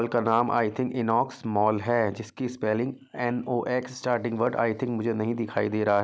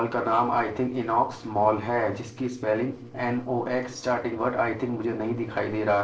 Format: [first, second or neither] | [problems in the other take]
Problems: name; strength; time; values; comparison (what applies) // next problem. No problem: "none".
first | noise reduction (neural separator model SepFormer DNS4)